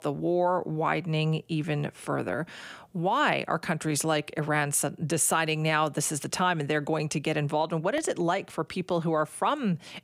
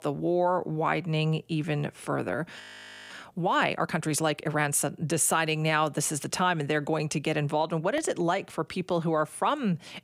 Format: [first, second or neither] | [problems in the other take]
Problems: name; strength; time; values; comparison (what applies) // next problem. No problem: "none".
first | audio freezing; at 2.5 s for 0.5 s